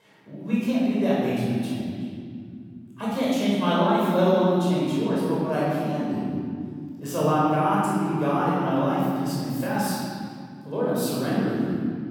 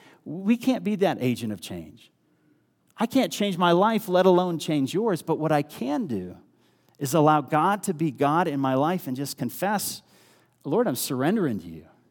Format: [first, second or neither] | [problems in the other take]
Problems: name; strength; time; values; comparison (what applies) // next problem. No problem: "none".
second | off-mic speech; far // room echo; strong; dies away in 2.5 s